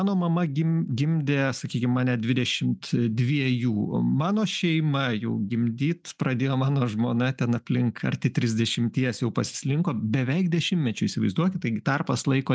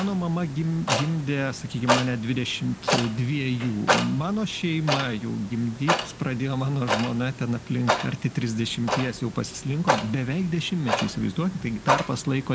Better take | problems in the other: first | background sound (Clock); 3 dB below the speech

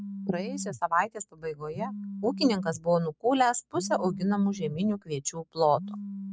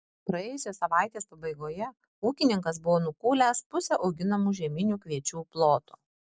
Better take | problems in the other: second | background sound (Telephone); 11 dB below the speech

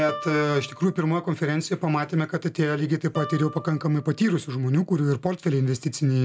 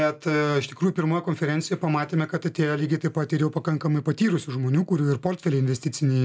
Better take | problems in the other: second | background sound (Guitar); 18 dB below the speech

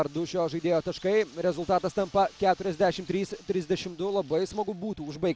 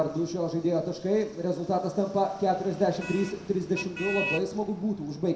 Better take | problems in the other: first | background sound (Motor vehicle (road)); 12 dB below the speech // room echo; dies away in 0.6 s

